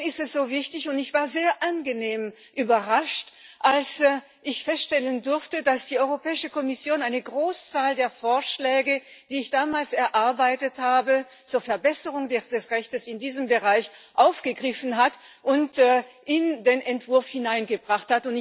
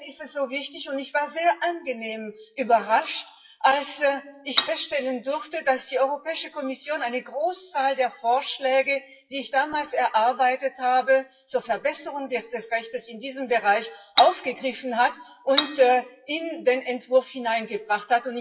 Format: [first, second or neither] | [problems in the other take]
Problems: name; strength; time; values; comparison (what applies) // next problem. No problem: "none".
first | noise reduction (classical method WPE with log-MMSE)